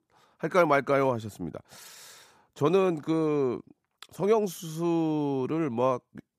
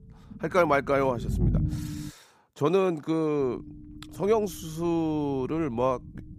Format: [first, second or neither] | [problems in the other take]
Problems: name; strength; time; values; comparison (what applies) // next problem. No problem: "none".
first | low rumble; noticeable; until 2 s and from 3.5 s on; 20 dB below the speech